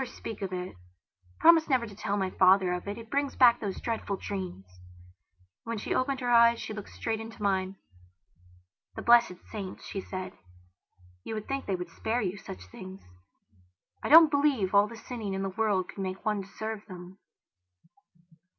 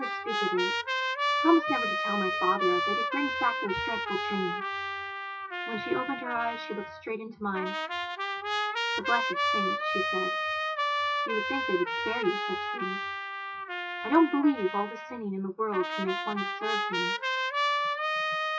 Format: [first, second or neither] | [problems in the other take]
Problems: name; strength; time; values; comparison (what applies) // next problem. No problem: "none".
first | noise reduction (classical method WPE with log-MMSE)